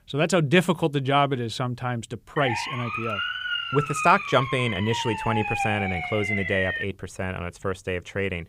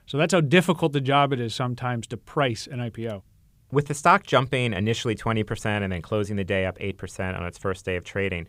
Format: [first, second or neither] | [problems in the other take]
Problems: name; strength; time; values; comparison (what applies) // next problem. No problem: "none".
second | siren; noticeable; from 2.5 to 7 s; peak 1 dB below the speech